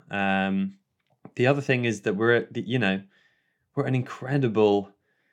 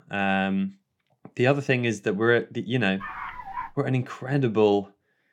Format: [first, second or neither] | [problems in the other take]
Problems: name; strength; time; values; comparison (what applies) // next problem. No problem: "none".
first | dog barking; faint; at 3 s; peak 10 dB below the speech